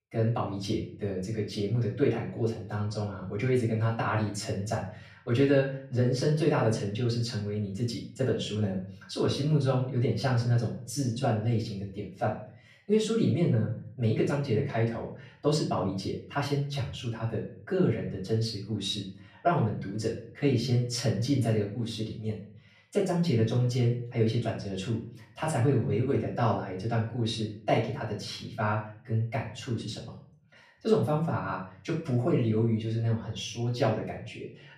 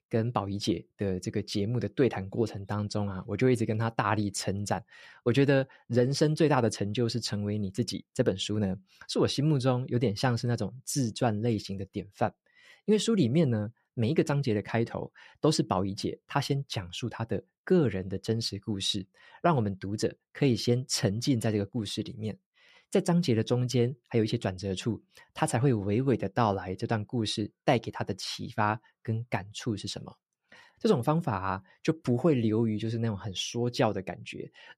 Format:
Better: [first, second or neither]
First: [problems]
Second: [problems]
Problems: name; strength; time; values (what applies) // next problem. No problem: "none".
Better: second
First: off-mic speech; far // room echo; slight; dies away in 0.5 s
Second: none